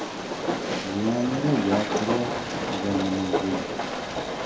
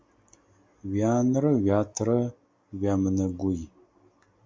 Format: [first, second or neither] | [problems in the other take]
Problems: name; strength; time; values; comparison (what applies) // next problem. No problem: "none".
second | background sound (Train); as loud as the speech // room echo; dies away in 0.6 s